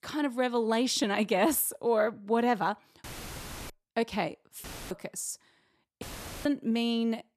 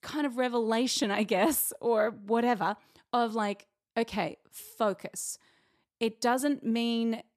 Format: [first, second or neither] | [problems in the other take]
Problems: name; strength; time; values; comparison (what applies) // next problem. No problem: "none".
second | audio cutting out; filled with static; at 3 s for 0.5 s, at 4.5 s and at 6 s